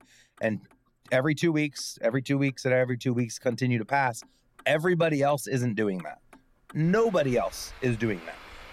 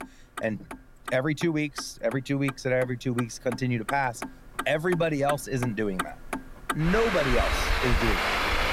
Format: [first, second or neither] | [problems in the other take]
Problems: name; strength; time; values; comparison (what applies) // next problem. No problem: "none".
first | traffic noise; loud; throughout; 3 dB below the speech; faint in the first